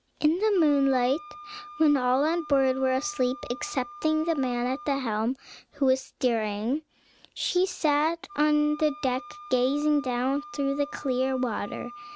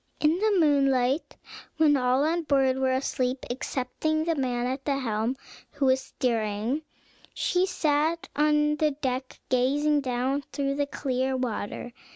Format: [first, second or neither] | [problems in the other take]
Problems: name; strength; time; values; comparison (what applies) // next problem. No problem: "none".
second | background sound (Wind instrument, woodwind instrument); 18 dB below the speech